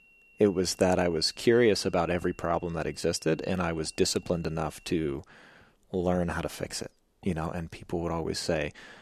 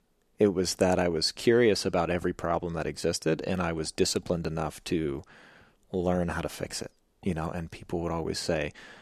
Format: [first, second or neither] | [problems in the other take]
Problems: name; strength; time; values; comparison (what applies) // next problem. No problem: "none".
second | high-pitched whine; faint; until 5 s; 2.5 kHz, 30 dB below the speech